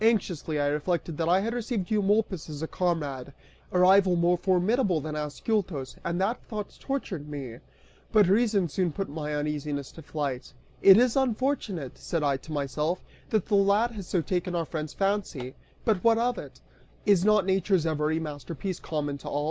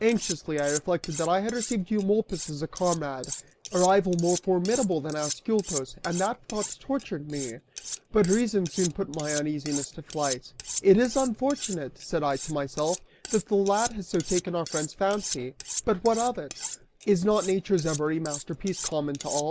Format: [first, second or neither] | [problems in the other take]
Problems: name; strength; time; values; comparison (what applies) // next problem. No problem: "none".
first | noise reduction (neural mask model Resemble Enhance denoiser)